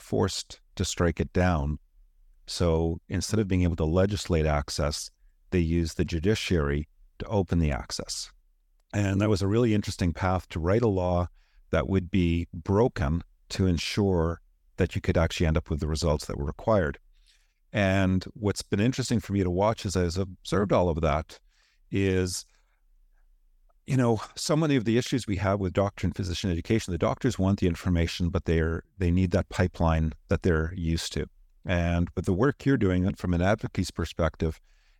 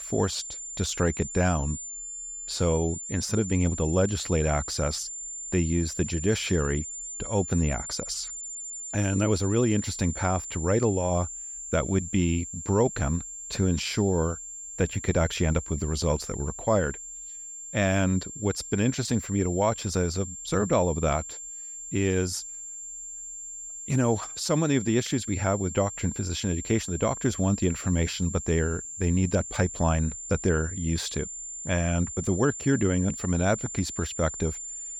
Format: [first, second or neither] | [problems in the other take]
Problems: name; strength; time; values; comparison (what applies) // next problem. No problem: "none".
first | high-pitched whine; loud; throughout; 7 kHz, 8 dB below the speech